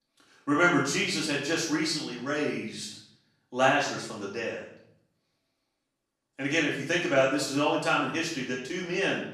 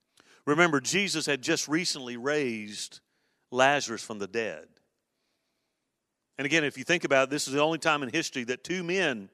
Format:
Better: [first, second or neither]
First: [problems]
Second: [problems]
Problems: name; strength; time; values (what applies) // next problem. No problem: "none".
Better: second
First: off-mic speech; far // room echo; noticeable; dies away in 0.7 s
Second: none